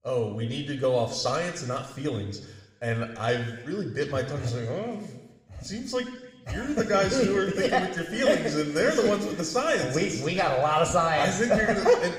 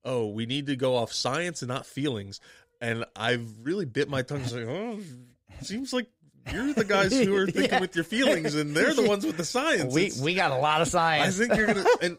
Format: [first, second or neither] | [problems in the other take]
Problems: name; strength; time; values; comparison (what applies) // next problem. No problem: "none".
second | room echo; slight; dies away in 1 s